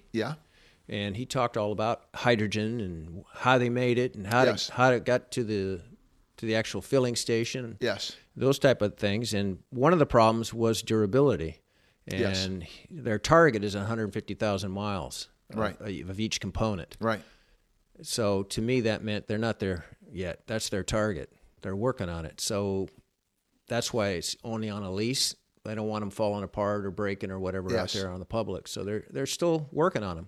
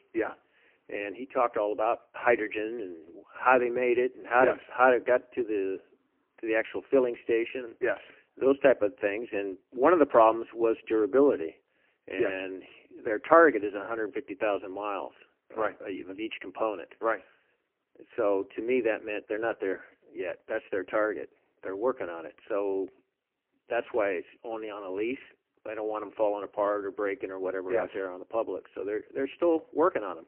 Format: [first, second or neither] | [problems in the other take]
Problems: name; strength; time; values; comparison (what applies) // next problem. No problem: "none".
first | phone-call audio; poor line; nothing above 3 kHz